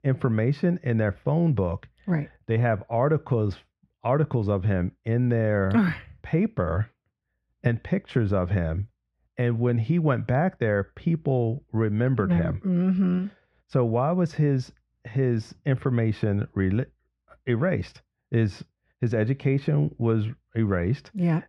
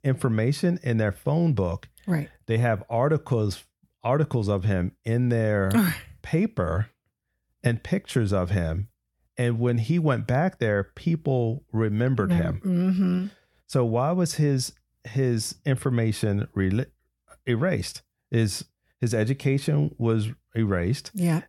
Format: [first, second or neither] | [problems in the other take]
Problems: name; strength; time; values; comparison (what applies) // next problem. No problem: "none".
second | muffled; slightly; fading above 2.5 kHz